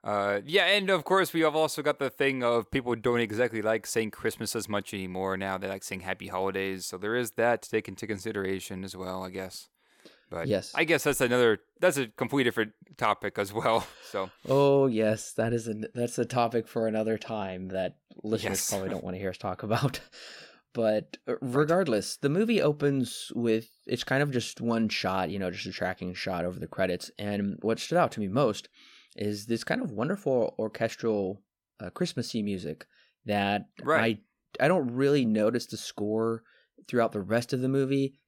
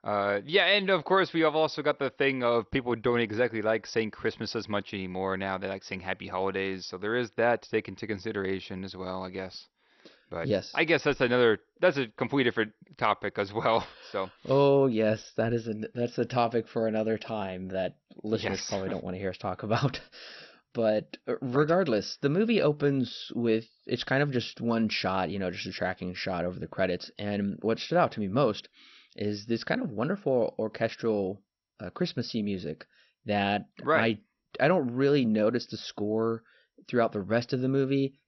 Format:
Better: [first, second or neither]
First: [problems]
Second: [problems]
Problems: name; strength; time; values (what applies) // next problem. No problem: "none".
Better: first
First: none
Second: garbled, watery; slightly; nothing above 6 kHz